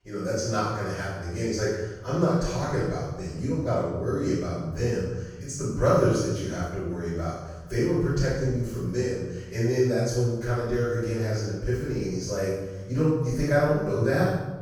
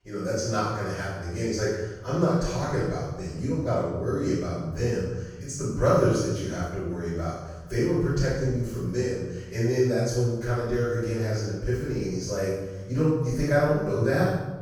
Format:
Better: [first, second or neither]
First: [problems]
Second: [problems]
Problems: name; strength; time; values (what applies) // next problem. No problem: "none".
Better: neither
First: off-mic speech; far // room echo; strong; dies away in 1.1 s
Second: off-mic speech; far // room echo; strong; dies away in 1.1 s